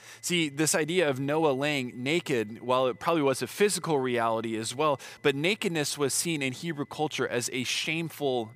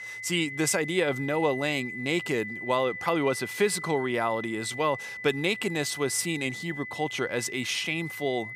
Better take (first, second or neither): first